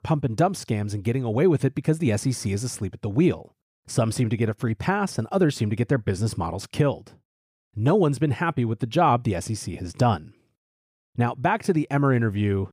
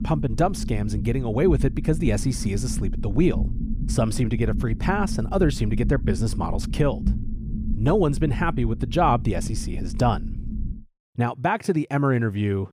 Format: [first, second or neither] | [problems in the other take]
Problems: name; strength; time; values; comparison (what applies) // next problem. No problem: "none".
first | low rumble; noticeable; until 11 s; 15 dB below the speech